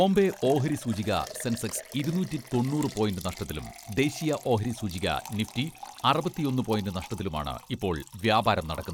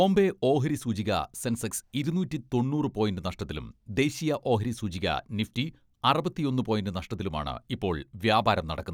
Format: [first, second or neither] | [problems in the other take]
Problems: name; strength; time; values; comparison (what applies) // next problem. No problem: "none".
second | background sound (Fart + Liquid); 17 dB below the speech